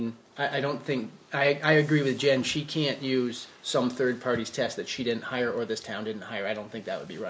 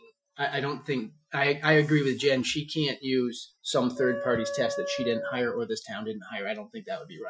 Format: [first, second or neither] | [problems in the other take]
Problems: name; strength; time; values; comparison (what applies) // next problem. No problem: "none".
first | noise reduction (classical method Wiener filter)